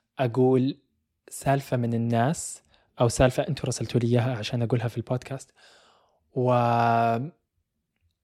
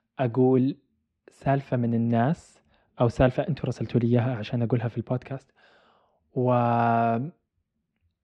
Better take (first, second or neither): first